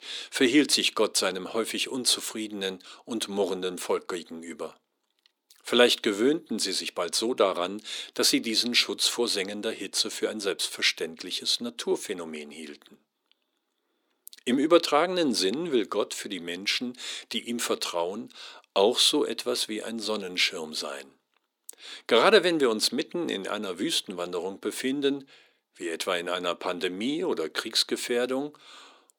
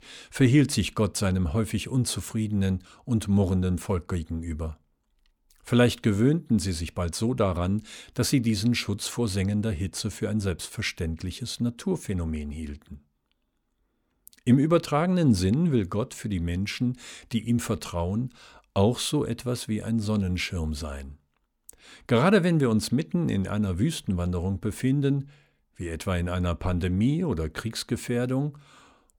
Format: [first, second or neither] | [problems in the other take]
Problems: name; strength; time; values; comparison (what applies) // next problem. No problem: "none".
second | thin; somewhat; fading below 350 Hz